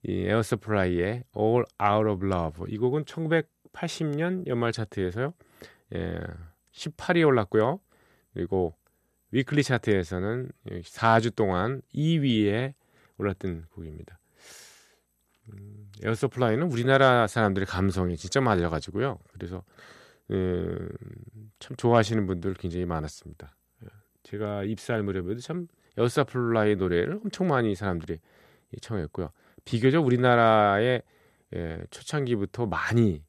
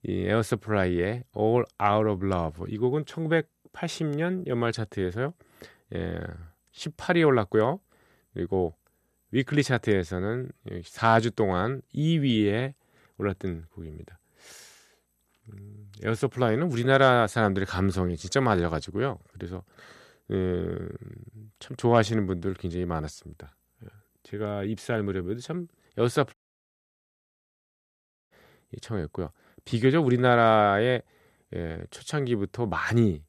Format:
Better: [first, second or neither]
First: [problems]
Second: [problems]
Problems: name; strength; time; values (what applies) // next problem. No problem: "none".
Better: first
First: none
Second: audio cutting out; at 26 s for 2 s